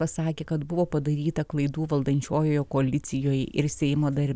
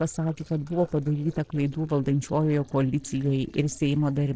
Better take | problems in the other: first | noise reduction (neural separator model SepFormer DNS4)

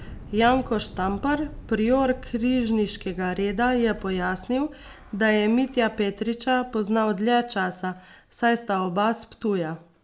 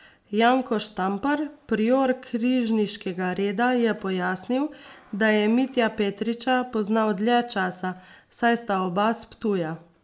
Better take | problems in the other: second | background sound (Thunder / Explosion); 18 dB below the speech

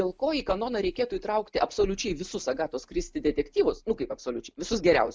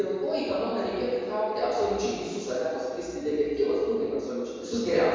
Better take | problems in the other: first | room echo; dies away in 1.9 s

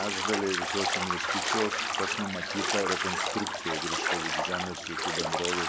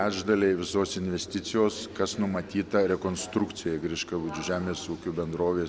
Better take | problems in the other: second | background sound (Bathtub (filling or washing)); 4 dB above the speech

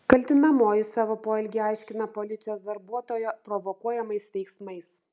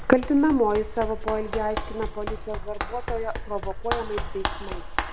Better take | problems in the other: first | background sound (Run); 4 dB below the speech

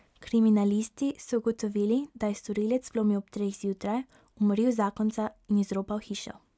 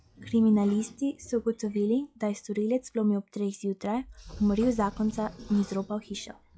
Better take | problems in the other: first | noise reduction (classical method log-MMSE)

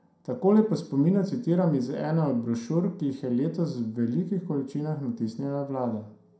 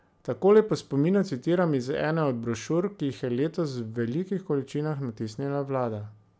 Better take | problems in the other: second | room echo; dies away in 0.4 s

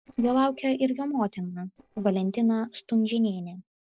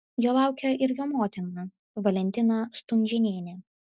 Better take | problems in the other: second | noise reduction (neural separator model SepFormer DNS4)

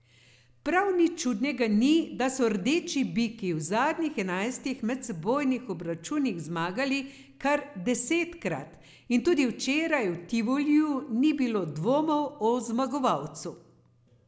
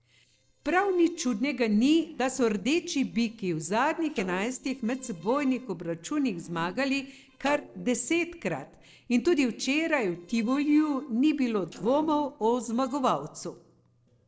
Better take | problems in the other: first | noise reduction (neural separator model SepFormer DNS4)

